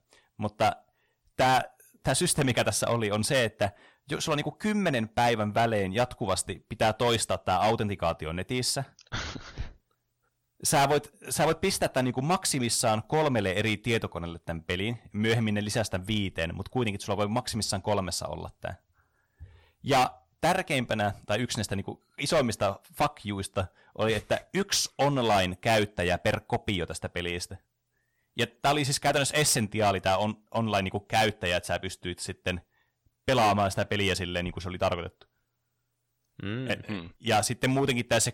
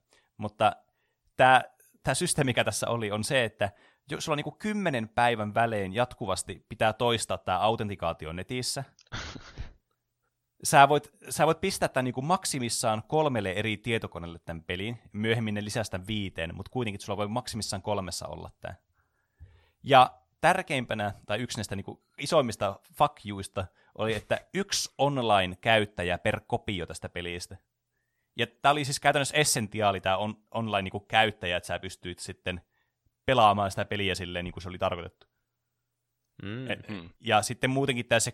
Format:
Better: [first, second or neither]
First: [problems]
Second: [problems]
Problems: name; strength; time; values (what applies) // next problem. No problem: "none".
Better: second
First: distortion; heavy; 6% of the sound clipped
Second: none